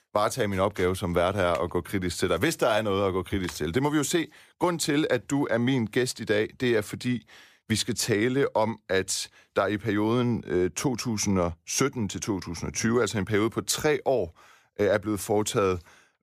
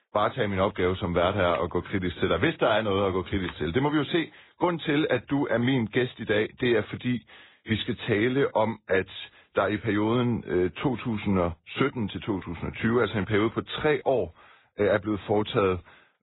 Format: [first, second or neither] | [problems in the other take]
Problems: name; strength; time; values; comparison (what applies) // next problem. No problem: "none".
first | garbled, watery; badly; nothing above 4 kHz